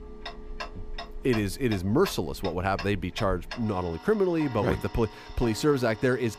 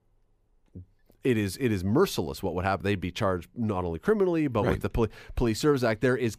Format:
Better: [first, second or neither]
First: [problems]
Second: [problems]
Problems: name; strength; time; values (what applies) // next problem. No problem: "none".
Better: second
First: household noises; noticeable; throughout; 15 dB below the speech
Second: none